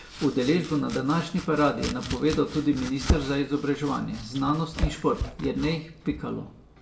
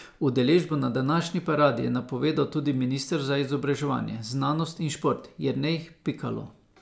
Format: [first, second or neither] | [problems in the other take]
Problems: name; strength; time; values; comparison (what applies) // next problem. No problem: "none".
second | background sound (Domestic sounds, home sounds); 8 dB below the speech // room echo; dies away in 0.7 s